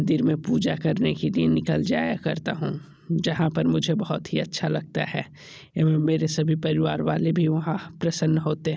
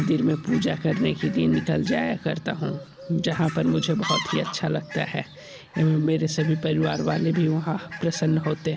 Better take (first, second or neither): first